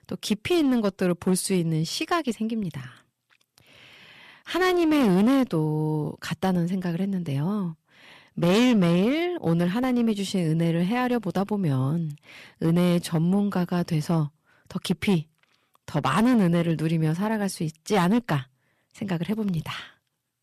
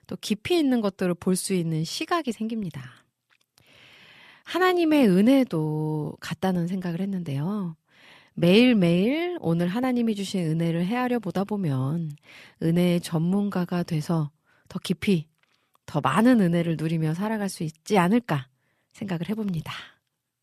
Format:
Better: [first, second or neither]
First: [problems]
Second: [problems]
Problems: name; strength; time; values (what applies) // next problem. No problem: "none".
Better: second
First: distortion; slight; 7% of the sound clipped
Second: none